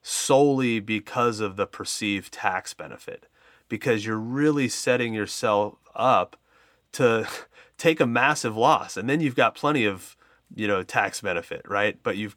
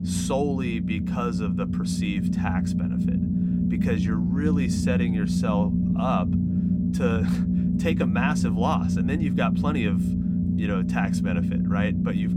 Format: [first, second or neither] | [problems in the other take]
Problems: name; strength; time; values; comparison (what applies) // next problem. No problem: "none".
first | low rumble; loud; throughout; 1 dB below the speech